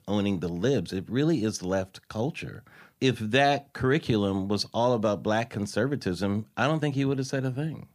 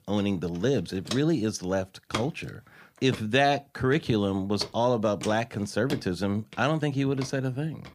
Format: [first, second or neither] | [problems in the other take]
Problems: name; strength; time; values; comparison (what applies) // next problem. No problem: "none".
first | footsteps; noticeable; from 1 s on; peak 7 dB below the speech